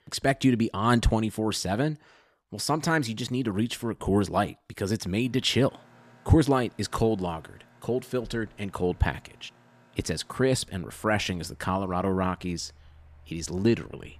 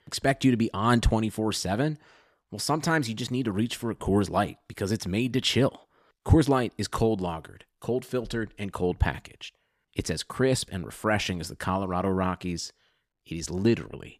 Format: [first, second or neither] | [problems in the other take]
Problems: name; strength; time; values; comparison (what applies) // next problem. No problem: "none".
second | machinery noise; faint; from 5.5 s on; 30 dB below the speech